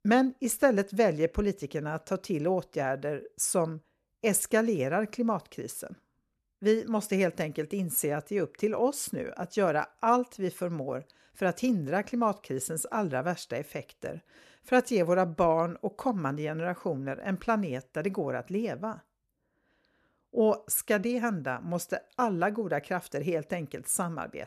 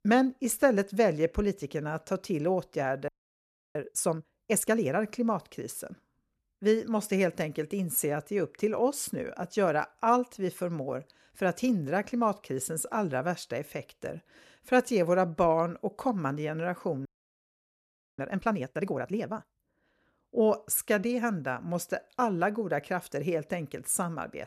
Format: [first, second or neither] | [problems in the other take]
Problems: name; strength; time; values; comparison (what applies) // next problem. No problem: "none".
first | audio freezing; at 3 s for 0.5 s and at 17 s for 1 s